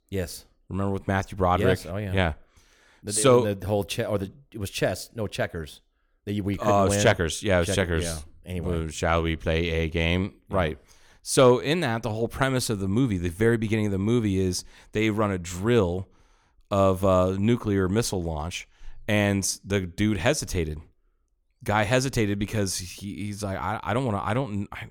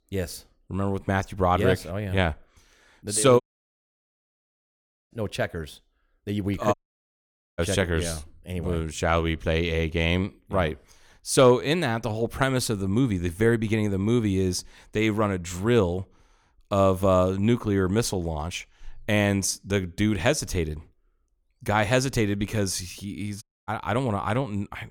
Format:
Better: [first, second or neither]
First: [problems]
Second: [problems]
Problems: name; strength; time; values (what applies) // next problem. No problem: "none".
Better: first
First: none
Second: audio cutting out; at 3.5 s for 1.5 s, at 6.5 s for 1 s and at 23 s